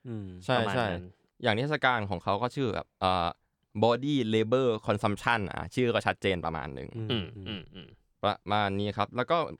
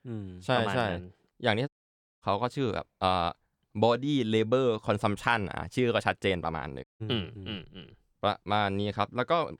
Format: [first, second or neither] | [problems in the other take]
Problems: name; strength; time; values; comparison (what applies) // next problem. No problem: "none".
first | audio cutting out; at 1.5 s for 0.5 s and at 7 s